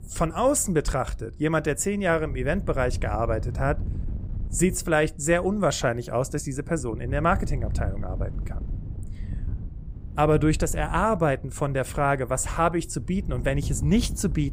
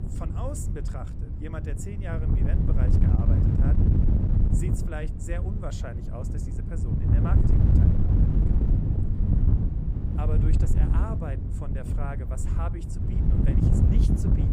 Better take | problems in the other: first | wind noise on the microphone; heavy; 3 dB above the speech; occasional gusts in the first

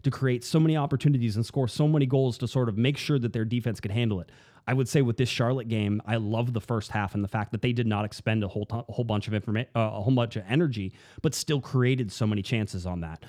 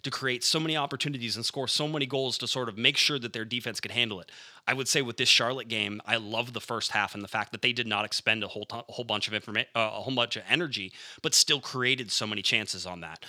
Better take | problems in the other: first | thin; somewhat; fading below 1 kHz

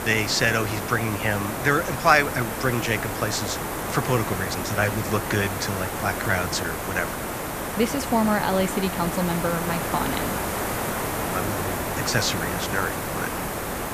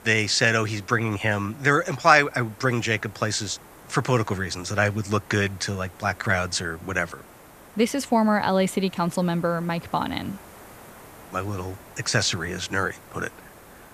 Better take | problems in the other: second | hiss; loud; throughout; 3 dB below the speech; faint in the second

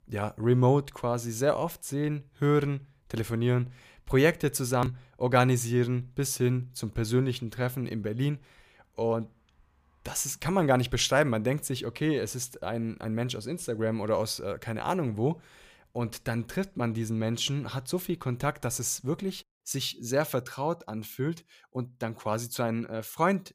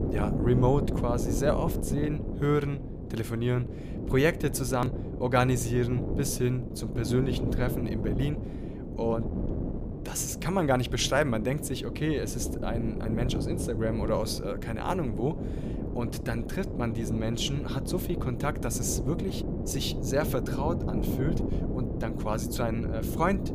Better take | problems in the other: first | wind noise on the microphone; heavy; 7 dB below the speech

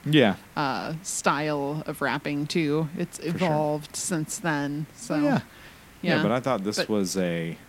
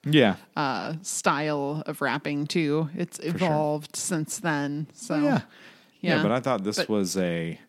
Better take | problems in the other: second | hiss; faint; throughout; 25 dB below the speech

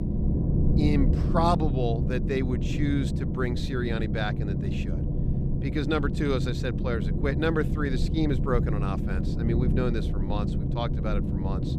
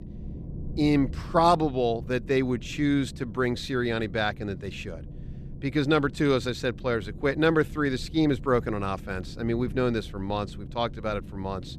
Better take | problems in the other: second | low rumble; loud; throughout; 6 dB below the speech; faint in the second

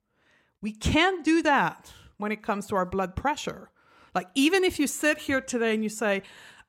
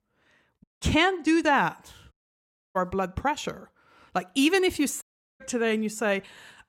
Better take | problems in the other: first | audio cutting out; at 0.5 s, at 2 s for 0.5 s and at 5 s

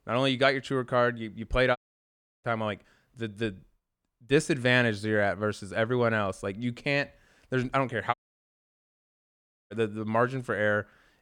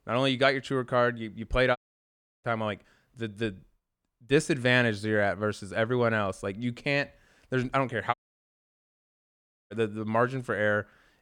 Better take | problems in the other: neither | audio cutting out; at 2 s for 0.5 s and at 8 s for 1.5 s; the same in both

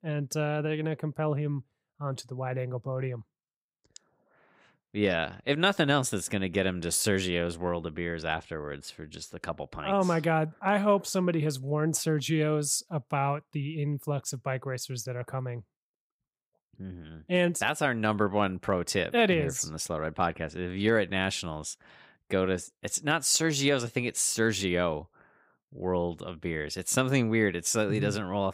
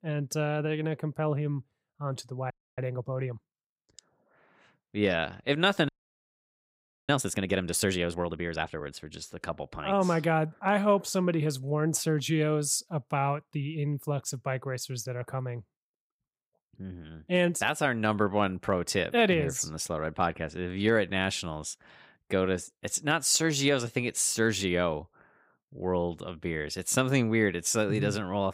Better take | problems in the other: first | audio freezing; at 2.5 s and at 6 s for 1 s

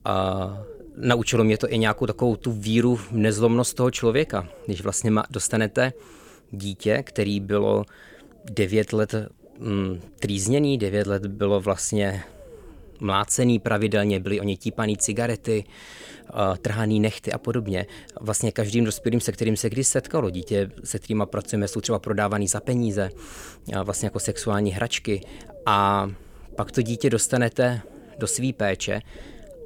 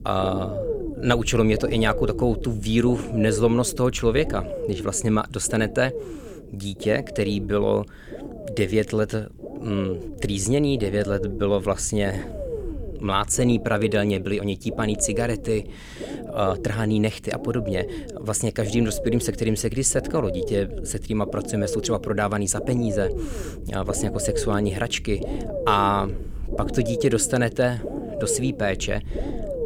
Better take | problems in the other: first | low rumble; loud; throughout; 9 dB below the speech; faint in the first

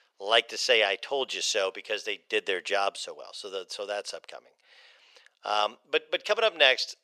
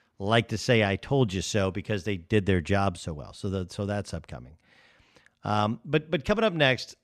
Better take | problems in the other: second | thin; very; fading below 500 Hz

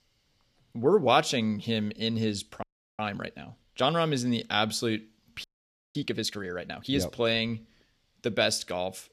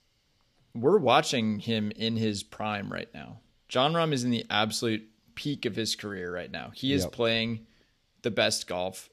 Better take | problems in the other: second | audio freezing; at 2.5 s and at 5.5 s for 0.5 s

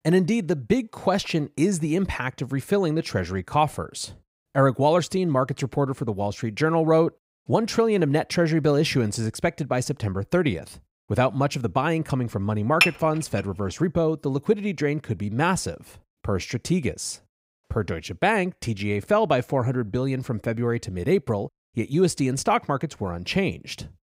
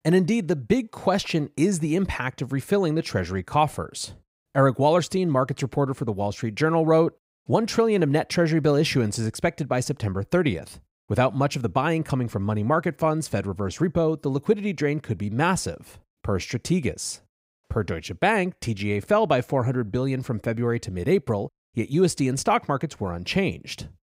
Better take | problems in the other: second | clattering dishes; loud; at 13 s; peak 4 dB above the speech

